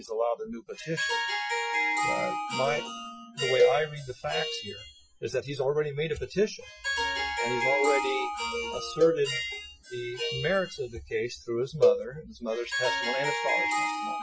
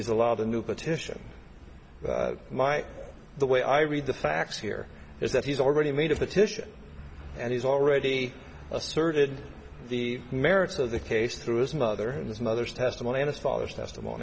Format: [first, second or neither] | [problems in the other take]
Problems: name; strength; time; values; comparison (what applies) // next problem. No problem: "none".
second | noise reduction (classical method Wiener filter)